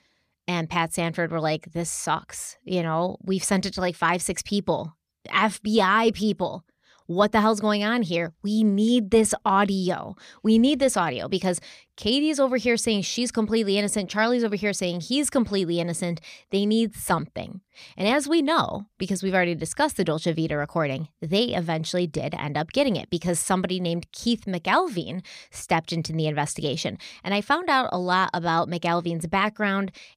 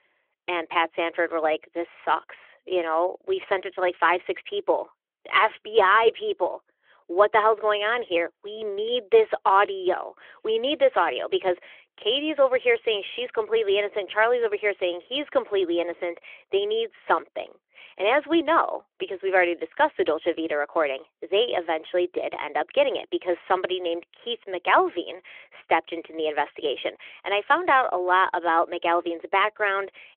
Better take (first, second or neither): first